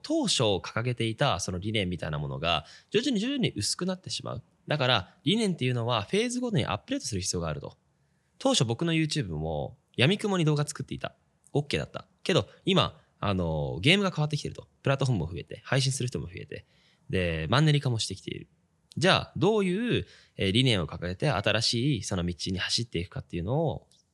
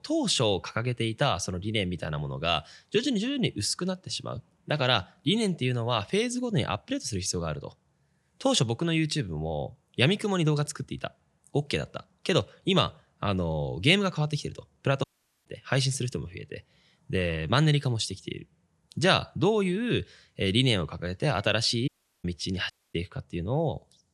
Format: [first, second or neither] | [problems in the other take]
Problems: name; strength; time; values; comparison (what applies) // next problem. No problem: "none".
first | audio cutting out; at 15 s, at 22 s and at 23 s